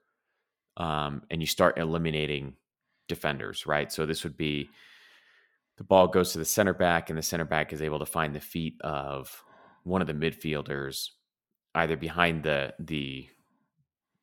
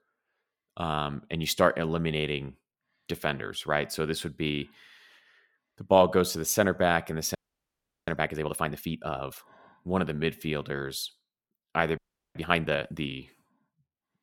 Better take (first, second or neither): first